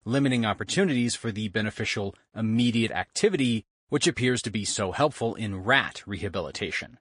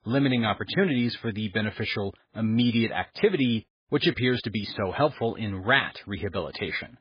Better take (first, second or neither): first